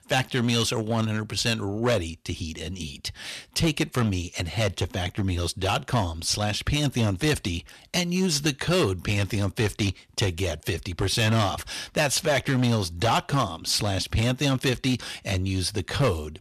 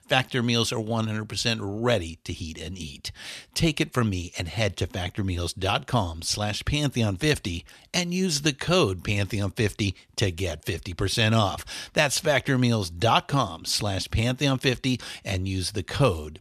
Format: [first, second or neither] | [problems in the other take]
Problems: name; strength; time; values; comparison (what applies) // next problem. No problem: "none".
second | distortion; slight; 7% of the sound clipped